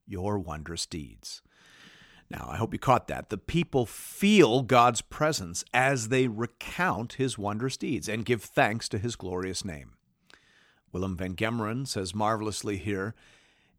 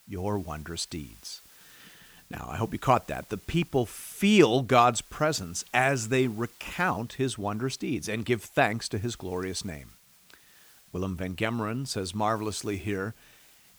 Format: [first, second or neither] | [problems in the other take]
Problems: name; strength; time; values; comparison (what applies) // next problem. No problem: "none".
first | hiss; faint; throughout; 25 dB below the speech